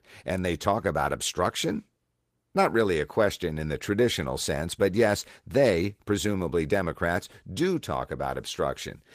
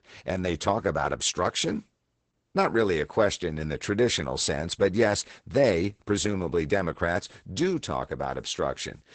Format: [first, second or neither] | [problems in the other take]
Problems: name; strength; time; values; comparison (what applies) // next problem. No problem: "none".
first | garbled, watery; badly; nothing above 8 kHz; slightly in the first